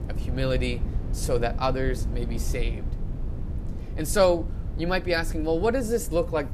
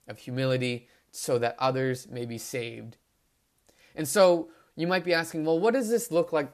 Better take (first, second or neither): second